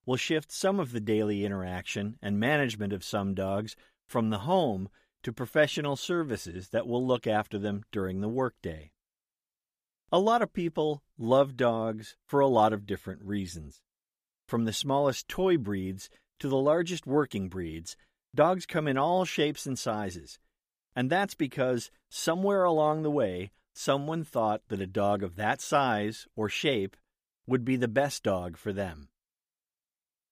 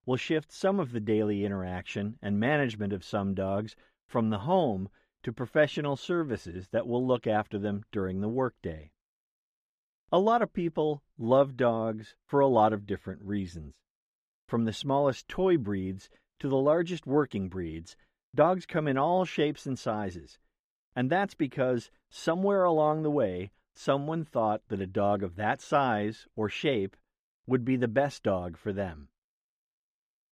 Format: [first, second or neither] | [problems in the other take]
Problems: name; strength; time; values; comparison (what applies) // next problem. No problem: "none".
first | muffled; slightly; fading above 2 kHz